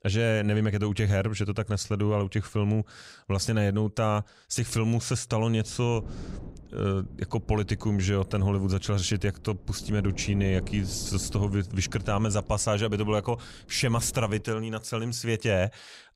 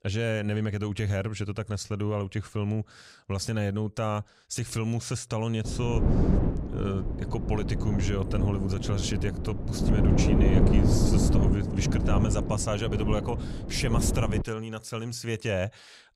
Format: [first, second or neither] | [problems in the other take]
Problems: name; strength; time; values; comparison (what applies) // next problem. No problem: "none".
first | wind noise on the microphone; heavy; from 5.5 to 14 s; 1 dB below the speech; occasional gusts in the first